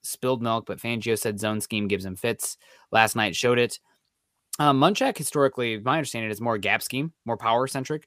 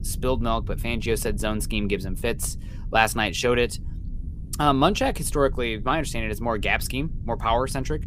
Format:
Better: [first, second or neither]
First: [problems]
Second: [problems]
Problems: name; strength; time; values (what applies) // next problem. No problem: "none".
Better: first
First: none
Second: low rumble; faint; throughout; 25 dB below the speech